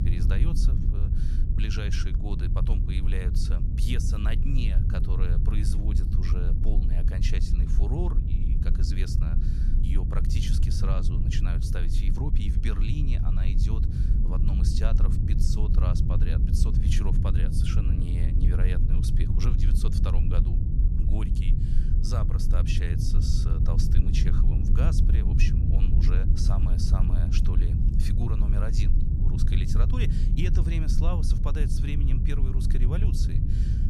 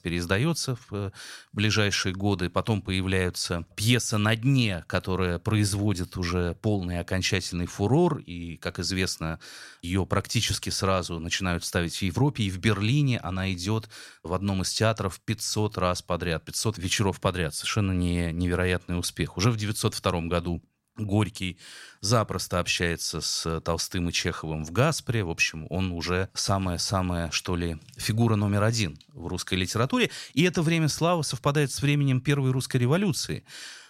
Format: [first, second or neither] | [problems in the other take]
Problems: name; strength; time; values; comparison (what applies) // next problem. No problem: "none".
second | low rumble; loud; throughout; 1 dB below the speech